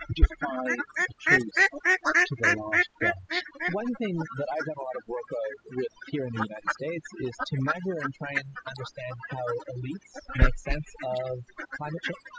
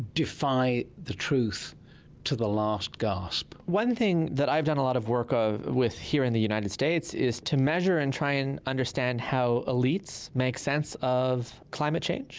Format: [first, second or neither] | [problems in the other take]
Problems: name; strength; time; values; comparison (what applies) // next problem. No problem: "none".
second | noise reduction (classical method spectral subtraction)